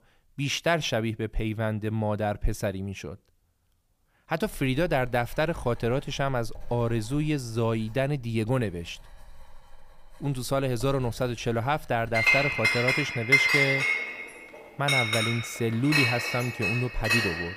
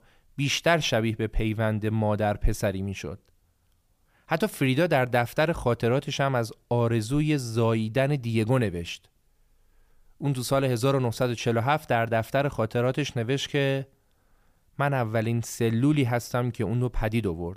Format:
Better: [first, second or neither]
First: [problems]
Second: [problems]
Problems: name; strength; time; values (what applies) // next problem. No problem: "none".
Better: second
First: household noises; very loud; from 4.5 s on; 4 dB above the speech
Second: none